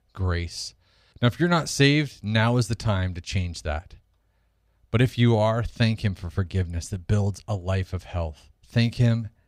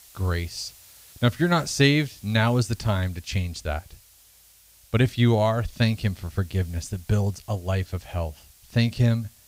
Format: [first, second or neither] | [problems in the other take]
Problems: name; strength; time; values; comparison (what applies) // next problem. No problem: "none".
first | hiss; faint; throughout; 25 dB below the speech